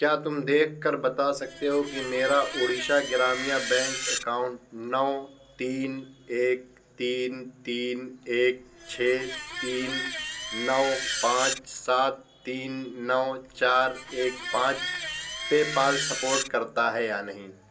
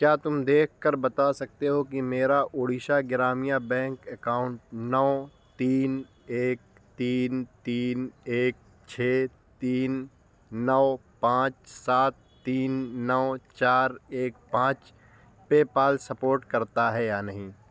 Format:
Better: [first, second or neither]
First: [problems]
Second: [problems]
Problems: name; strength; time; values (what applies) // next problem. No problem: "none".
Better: second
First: background sound (Screech); 6 dB below the speech // room echo; dies away in 0.2 s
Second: none